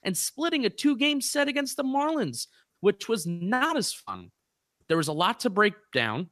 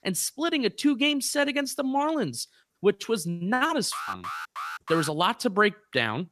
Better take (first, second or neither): first